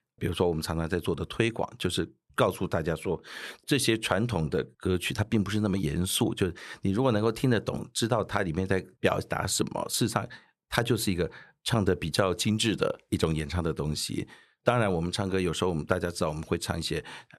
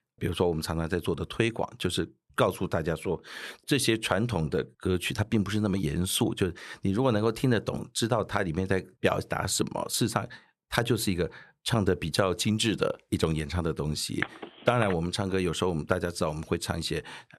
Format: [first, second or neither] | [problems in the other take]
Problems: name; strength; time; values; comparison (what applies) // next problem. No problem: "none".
first | phone ringing; noticeable; at 14 s; peak 6 dB below the speech